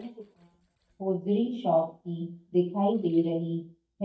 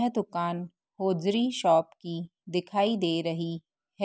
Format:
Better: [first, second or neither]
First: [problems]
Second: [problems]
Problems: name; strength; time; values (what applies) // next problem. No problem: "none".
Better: second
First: noise reduction (neural mask model DeepFilterNet 3)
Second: none